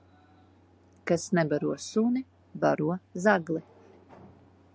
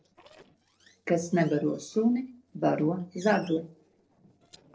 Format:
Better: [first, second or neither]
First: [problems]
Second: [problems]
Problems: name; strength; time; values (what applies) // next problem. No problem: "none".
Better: first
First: none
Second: noise reduction (neural separator model SepFormer DNS4)